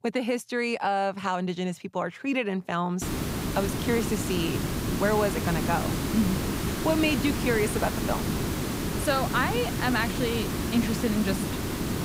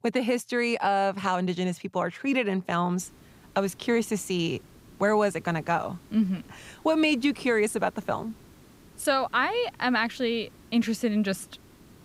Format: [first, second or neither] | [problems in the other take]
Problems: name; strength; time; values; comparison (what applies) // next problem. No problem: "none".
second | hiss; loud; from 3 s on; 1 dB below the speech; faint in the second